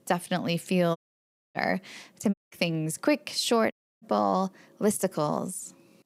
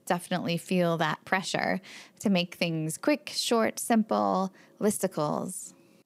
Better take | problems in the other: second | audio cutting out; at 1 s for 0.5 s, at 2.5 s and at 3.5 s

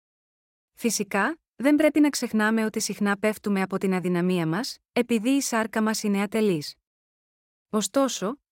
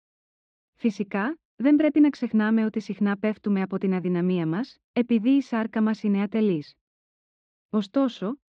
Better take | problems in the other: first | muffled; slightly; fading above 3.5 kHz

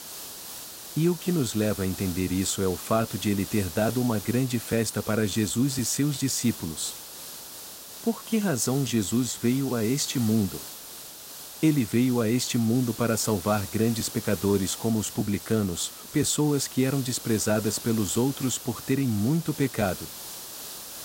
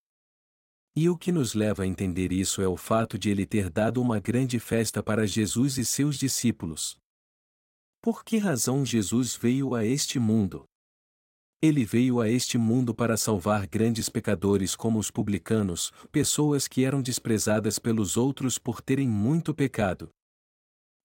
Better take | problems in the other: second | hiss; noticeable; throughout; 10 dB below the speech

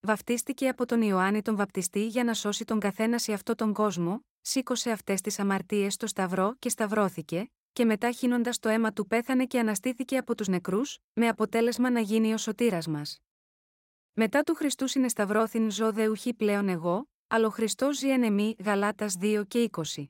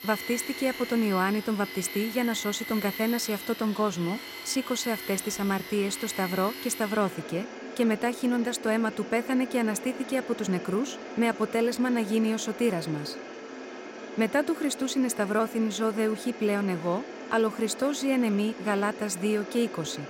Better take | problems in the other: first | machinery noise; noticeable; throughout; 10 dB below the speech

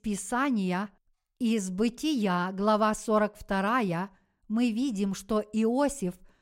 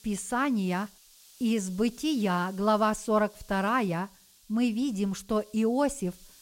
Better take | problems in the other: first | hiss; faint; throughout; 25 dB below the speech

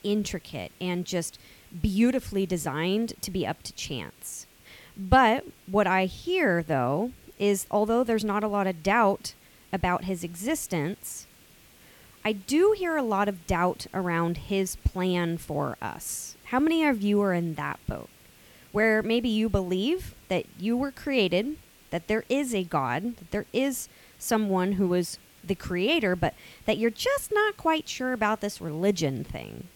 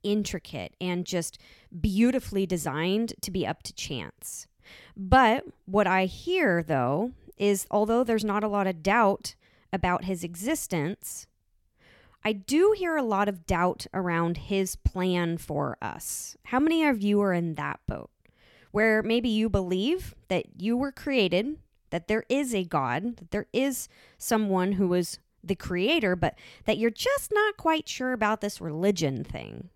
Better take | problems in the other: second | hiss; faint; throughout; 25 dB below the speech

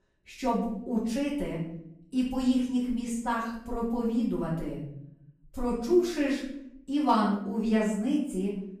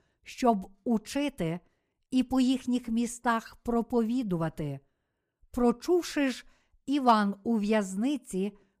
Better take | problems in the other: second | room echo; noticeable; dies away in 0.7 s // off-mic speech; far

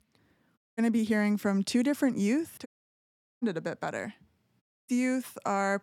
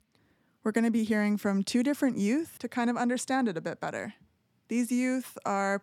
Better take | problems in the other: second | audio cutting out; at 0.5 s, at 2.5 s for 1 s and at 4.5 s

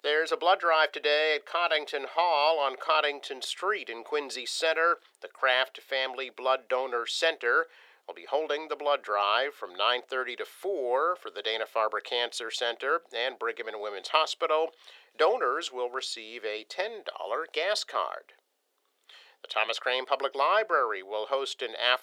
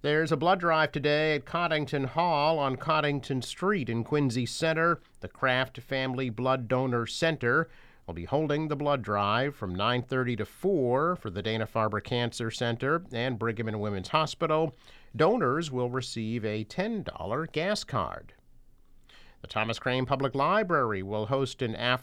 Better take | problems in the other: second | thin; very; fading below 450 Hz

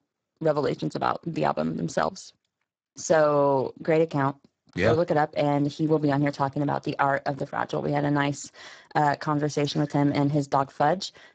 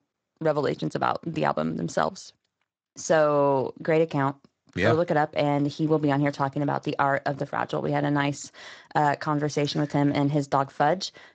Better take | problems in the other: second | garbled, watery; badly; nothing above 7.5 kHz; slightly in the second

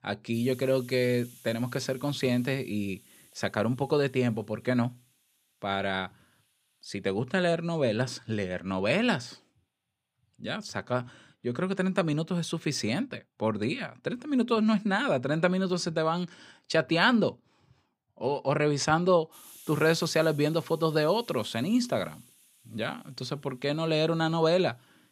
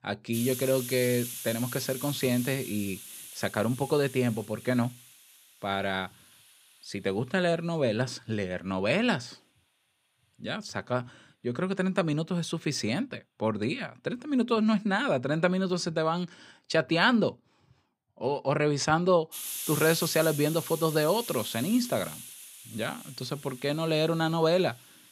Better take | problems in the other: first | hiss; loud; throughout; 10 dB below the speech; faint in the first

